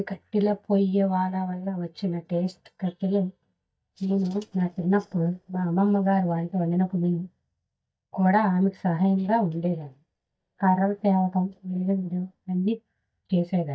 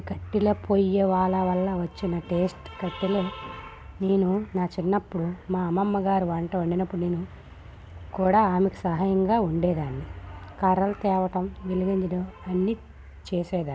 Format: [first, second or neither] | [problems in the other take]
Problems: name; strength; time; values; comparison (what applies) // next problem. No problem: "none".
second | noise reduction (neural mask model DeepFilterNet 3)